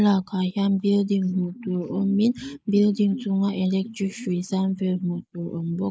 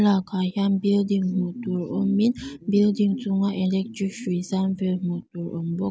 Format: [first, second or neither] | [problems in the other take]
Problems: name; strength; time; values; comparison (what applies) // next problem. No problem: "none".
second | noise reduction (neural mask model Resemble Enhance denoiser)